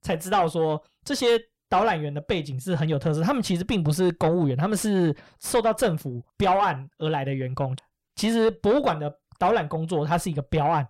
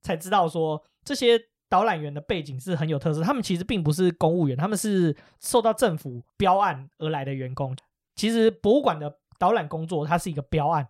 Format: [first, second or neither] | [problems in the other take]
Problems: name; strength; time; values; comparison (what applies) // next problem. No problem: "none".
second | distortion; slight; 10 dB below the speech